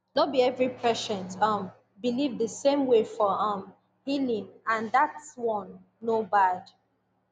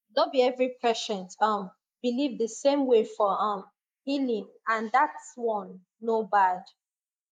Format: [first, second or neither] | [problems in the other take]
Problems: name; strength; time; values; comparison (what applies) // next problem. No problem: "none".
first | noise reduction (neural mask model Resemble Enhance denoiser)